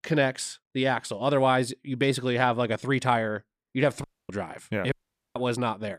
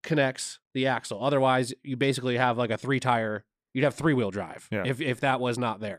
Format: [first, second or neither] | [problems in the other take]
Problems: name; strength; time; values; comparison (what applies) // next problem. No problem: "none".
second | audio cutting out; at 4 s and at 5 s